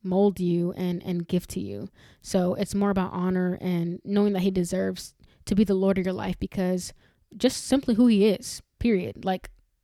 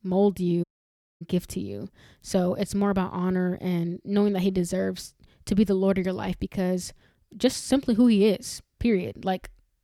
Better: first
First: none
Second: audio cutting out; at 0.5 s for 0.5 s

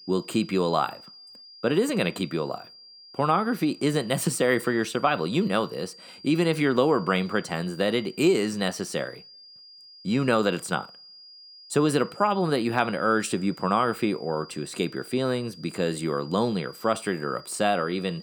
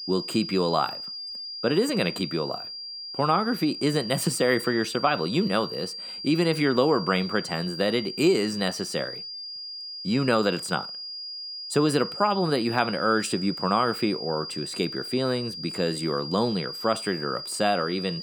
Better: first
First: high-pitched whine; faint; throughout; 5 kHz, 20 dB below the speech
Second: high-pitched whine; loud; throughout; 5 kHz, 8 dB below the speech

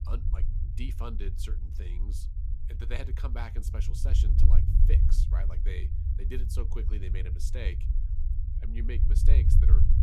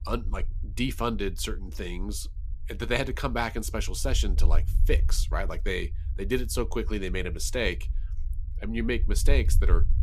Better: second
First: low rumble; loud; throughout; 3 dB below the speech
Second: low rumble; faint; throughout; 20 dB below the speech

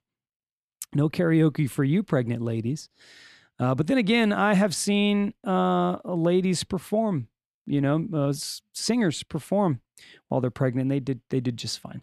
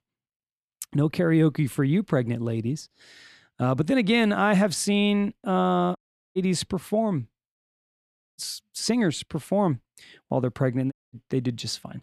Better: first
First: none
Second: audio cutting out; at 6 s, at 7.5 s for 1 s and at 11 s

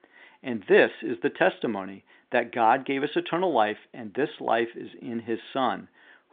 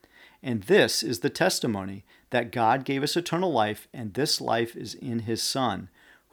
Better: second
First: phone-call audio; nothing above 3.5 kHz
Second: none

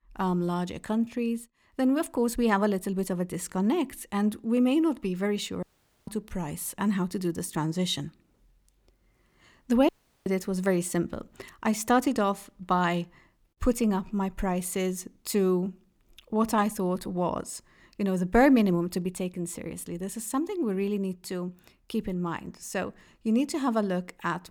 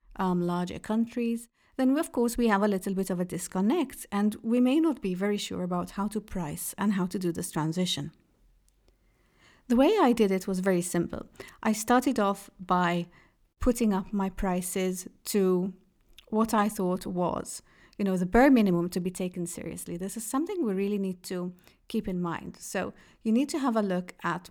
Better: second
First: audio cutting out; at 5.5 s and at 10 s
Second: none

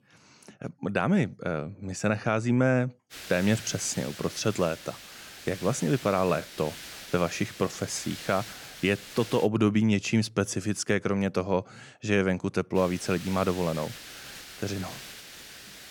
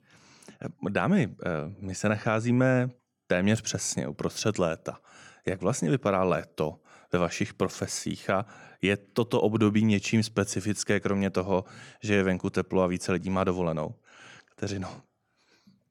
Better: second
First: hiss; noticeable; from 3 to 9.5 s and from 13 s on; 15 dB below the speech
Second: none

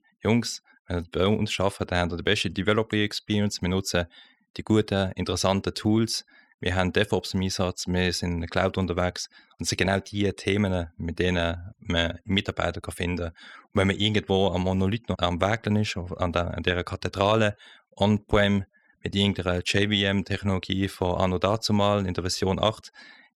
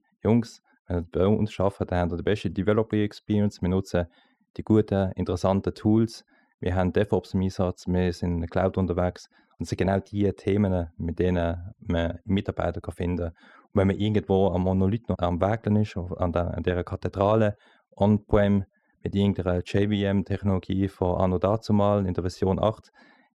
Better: first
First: none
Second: muffled; slightly; fading above 1.5 kHz

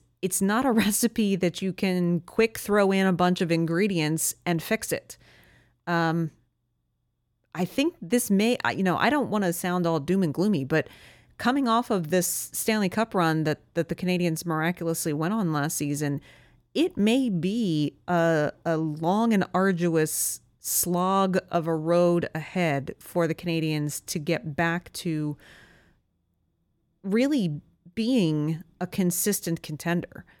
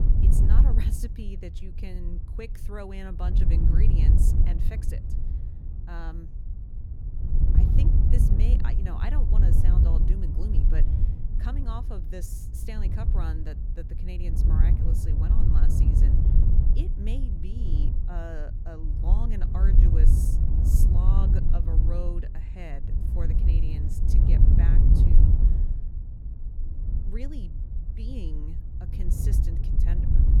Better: first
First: none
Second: wind noise on the microphone; heavy; 2 dB above the speech

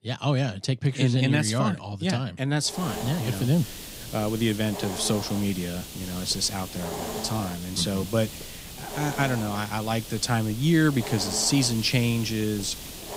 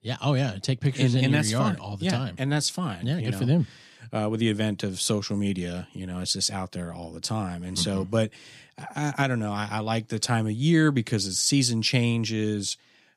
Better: second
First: hiss; loud; from 2.5 s on; 10 dB below the speech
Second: none

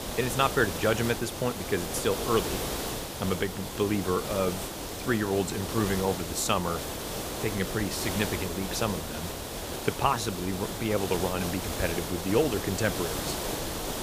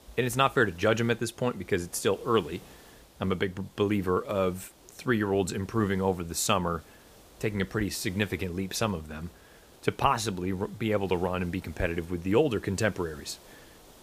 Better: second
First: hiss; loud; throughout; 4 dB below the speech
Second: hiss; faint; throughout; 25 dB below the speech

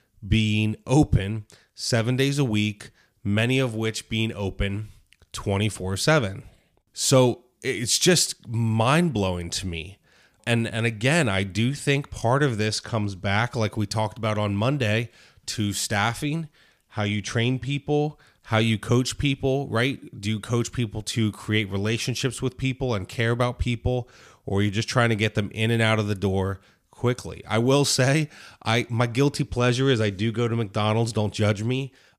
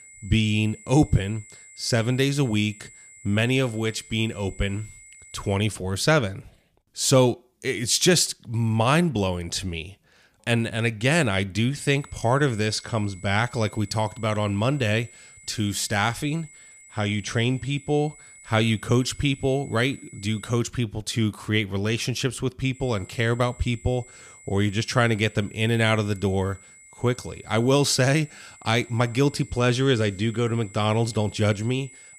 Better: first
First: none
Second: high-pitched whine; faint; until 5.5 s, from 12 to 21 s and from 23 s on; 2 kHz, 20 dB below the speech

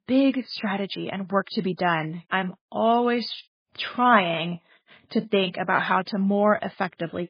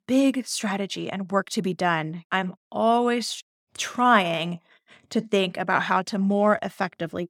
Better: second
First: garbled, watery; badly; nothing above 5 kHz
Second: none

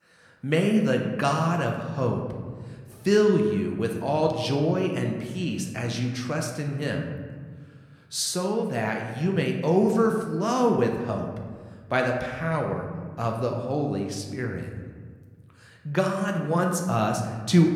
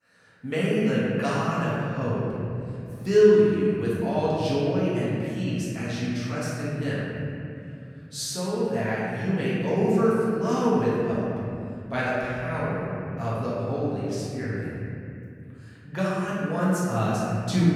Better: first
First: room echo; slight; dies away in 1.3 s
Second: room echo; strong; dies away in 2.9 s // off-mic speech; far

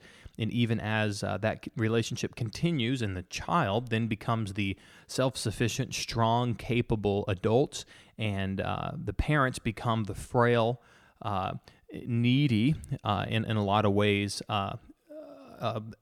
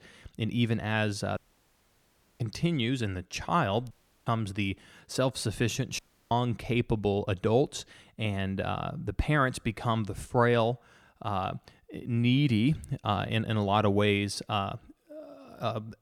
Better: first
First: none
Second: audio cutting out; at 1.5 s for 1 s, at 4 s and at 6 s

